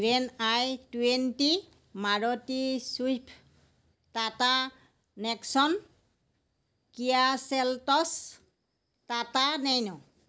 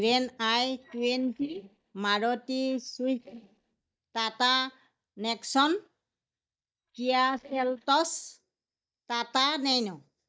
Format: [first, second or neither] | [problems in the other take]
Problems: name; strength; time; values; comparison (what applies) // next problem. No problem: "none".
first | noise reduction (neural mask model DeepFilterNet 3)